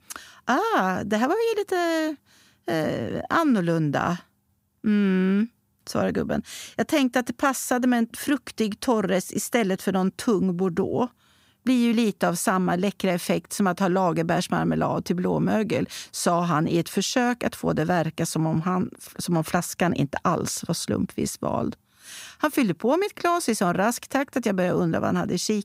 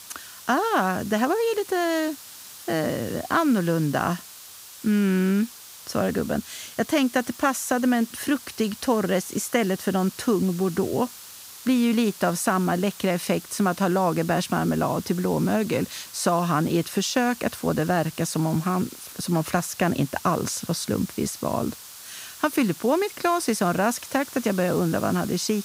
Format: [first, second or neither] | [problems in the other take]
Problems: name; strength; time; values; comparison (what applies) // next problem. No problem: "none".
first | hiss; noticeable; throughout; 15 dB below the speech